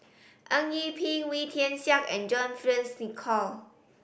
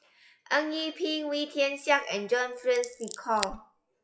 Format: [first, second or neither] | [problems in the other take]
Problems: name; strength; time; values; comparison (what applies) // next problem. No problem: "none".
first | noise reduction (classical method WPE with log-MMSE)